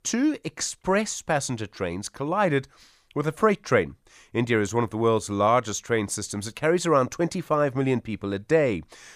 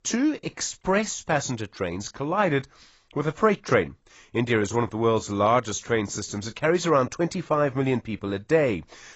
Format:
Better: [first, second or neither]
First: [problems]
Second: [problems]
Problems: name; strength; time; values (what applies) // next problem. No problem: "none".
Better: first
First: none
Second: garbled, watery; badly; nothing above 7.5 kHz